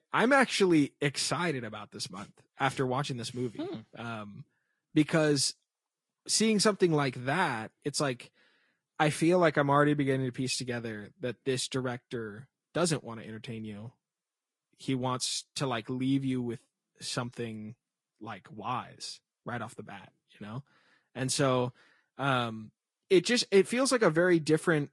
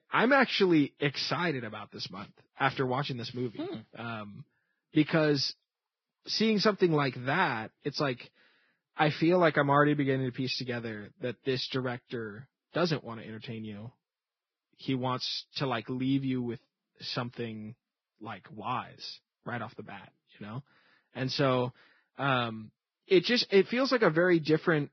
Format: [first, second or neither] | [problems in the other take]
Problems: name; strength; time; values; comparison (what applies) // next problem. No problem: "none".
first | garbled, watery; badly; nothing above 5.5 kHz; slightly in the first